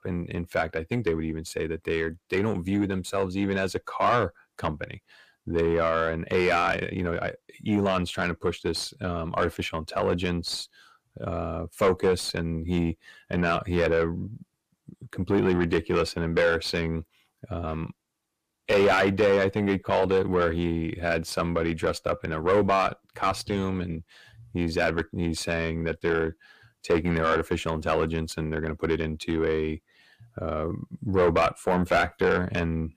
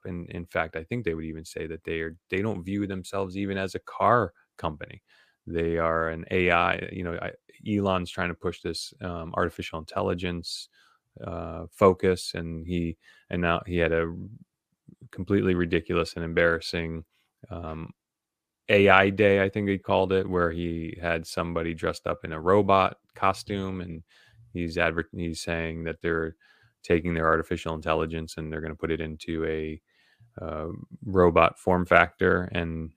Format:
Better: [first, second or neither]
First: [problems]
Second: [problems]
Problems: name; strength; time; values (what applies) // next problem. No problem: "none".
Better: second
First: distortion; heavy; 6 dB below the speech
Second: none